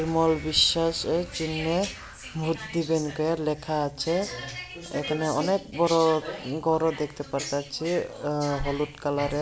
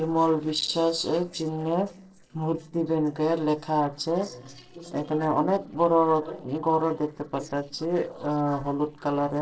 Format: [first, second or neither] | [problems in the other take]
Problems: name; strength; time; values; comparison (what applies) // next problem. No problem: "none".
first | noise reduction (neural separator model SepFormer DNS4)